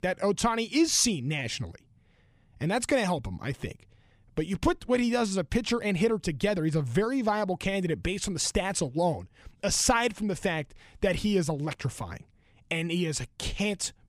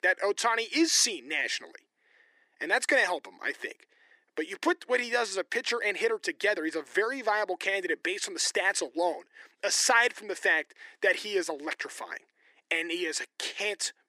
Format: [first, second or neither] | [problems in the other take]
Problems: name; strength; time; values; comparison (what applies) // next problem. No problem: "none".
first | thin; very; fading below 350 Hz